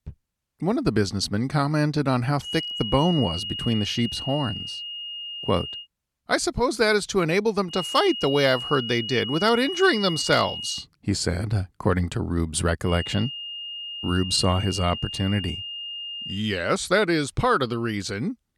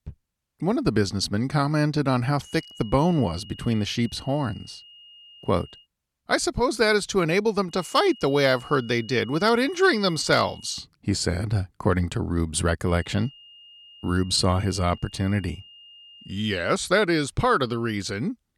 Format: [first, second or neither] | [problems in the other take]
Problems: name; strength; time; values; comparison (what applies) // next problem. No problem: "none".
second | high-pitched whine; loud; from 2.5 to 6 s, from 7.5 to 11 s and from 13 to 16 s; 3 kHz, 7 dB below the speech; faint in the second